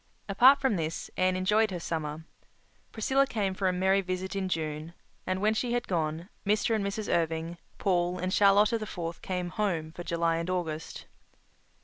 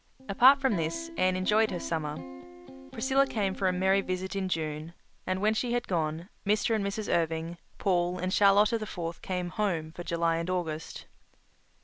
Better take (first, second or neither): first